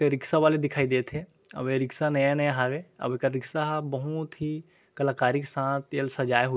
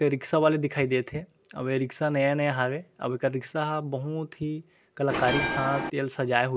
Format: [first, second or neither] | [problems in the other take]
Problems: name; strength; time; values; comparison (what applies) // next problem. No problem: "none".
first | background sound (Bell); 1 dB below the speech